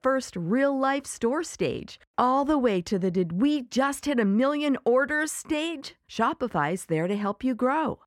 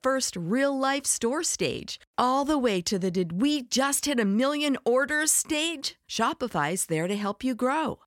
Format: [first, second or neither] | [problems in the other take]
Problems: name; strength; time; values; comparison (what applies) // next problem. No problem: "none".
second | muffled; slightly; fading above 3 kHz